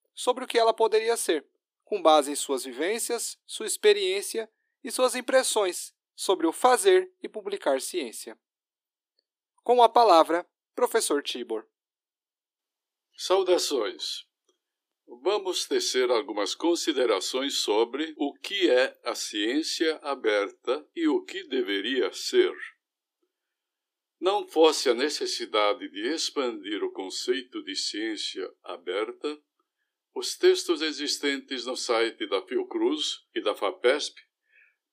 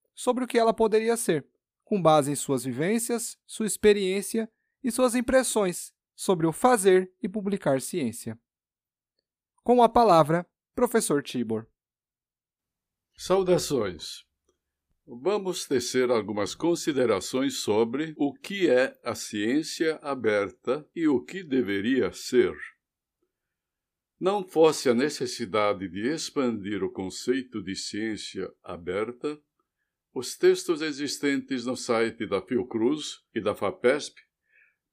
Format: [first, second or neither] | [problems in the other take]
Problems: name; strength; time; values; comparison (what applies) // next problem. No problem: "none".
second | thin; somewhat; fading below 300 Hz